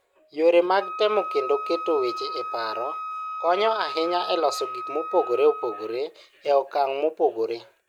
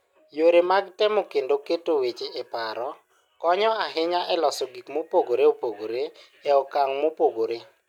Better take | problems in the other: second | background sound (Wind instrument, woodwind instrument); 10 dB below the speech

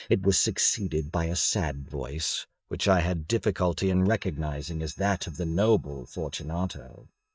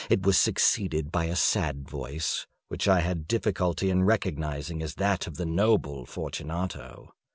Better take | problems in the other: second | noise reduction (neural mask model DeepFilterNet 3)

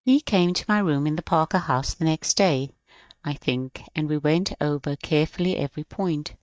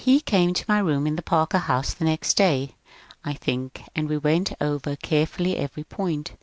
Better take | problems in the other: second | noise reduction (neural mask model DeepFilterNet 3)

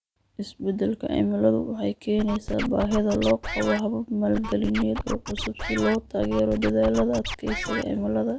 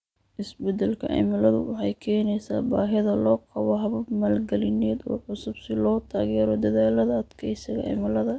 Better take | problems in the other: second | background sound (Scratching (performance technique)); 7 dB below the speech

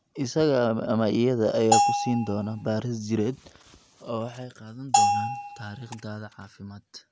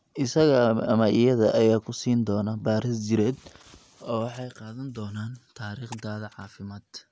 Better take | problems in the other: second | background sound (Bell); 3 dB above the speech

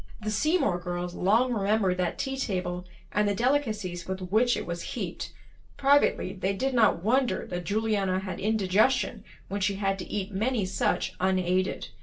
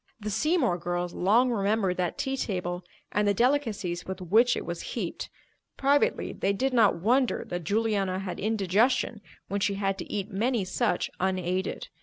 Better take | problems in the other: second | background sound (Engine starting / Car); 17 dB below the speech // room echo; dies away in 0.2 s

